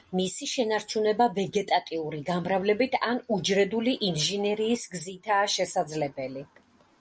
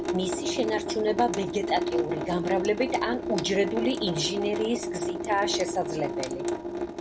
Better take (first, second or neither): first